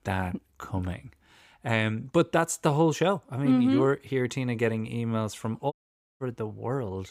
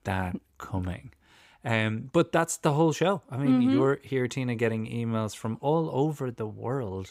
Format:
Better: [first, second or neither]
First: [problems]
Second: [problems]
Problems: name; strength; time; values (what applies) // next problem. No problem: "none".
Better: second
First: audio cutting out; at 5.5 s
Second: none